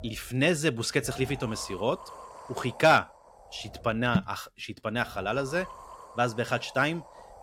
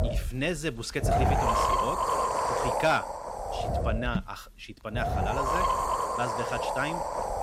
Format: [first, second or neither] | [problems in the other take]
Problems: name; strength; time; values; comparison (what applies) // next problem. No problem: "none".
first | wind noise on the microphone; heavy; 5 dB above the speech; occasional gusts in the first